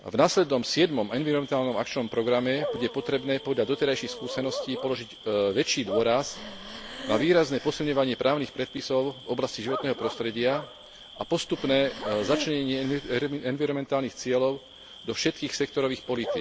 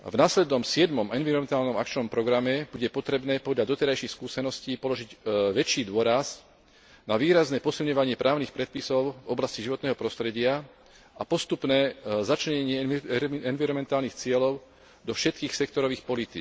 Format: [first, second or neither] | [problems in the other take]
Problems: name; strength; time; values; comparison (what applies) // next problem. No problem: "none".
second | background sound (Breathing + Bark / Cricket); 12 dB below the speech